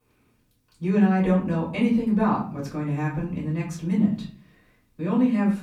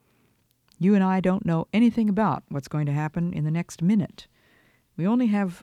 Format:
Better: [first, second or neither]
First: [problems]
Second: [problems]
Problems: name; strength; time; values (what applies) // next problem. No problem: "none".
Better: second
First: room echo; slight; dies away in 0.4 s // off-mic speech; far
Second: none